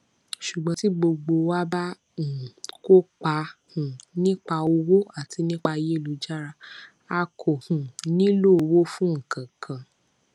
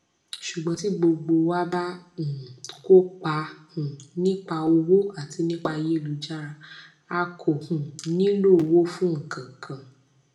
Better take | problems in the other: first | room echo; dies away in 0.4 s

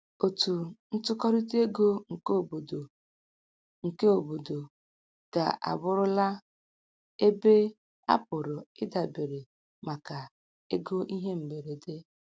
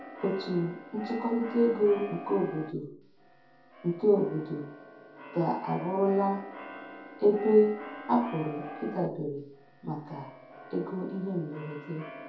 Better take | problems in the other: first | background sound (Keyboard (musical)); 15 dB below the speech // room echo; dies away in 0.6 s

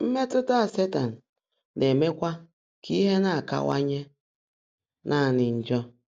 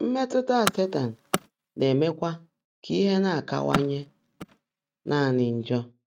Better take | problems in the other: first | noise reduction (neural mask model RNNoise)

